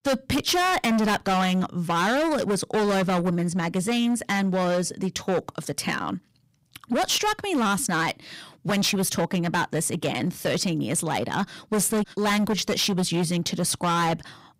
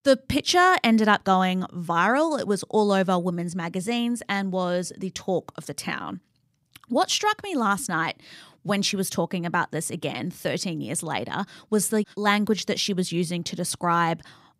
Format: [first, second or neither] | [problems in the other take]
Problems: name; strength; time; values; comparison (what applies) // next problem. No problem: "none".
second | distortion; heavy; 19% of the sound clipped